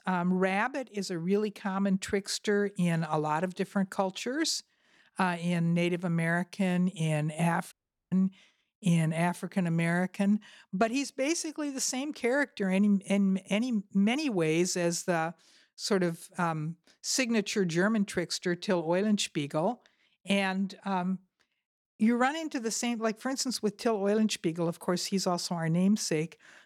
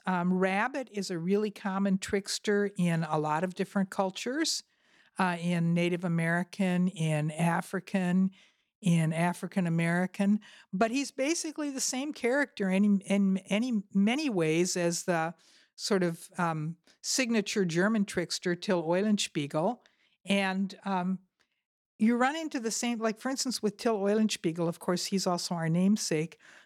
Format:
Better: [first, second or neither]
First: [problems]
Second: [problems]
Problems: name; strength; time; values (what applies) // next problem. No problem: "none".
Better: second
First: audio cutting out; at 7.5 s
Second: none